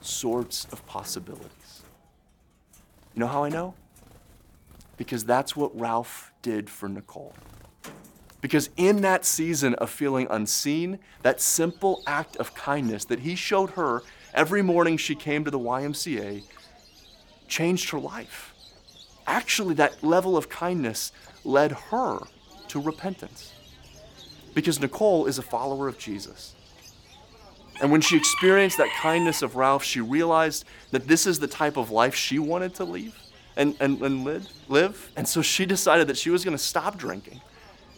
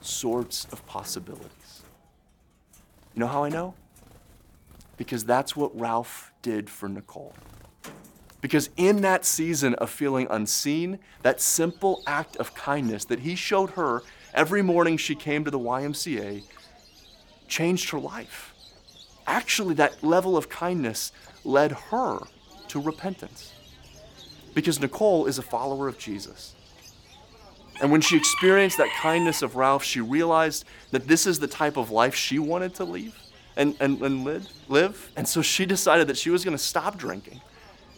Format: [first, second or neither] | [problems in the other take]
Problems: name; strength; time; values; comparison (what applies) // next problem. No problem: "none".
neither | animal sounds; noticeable; throughout; 15 dB below the speech; the same in both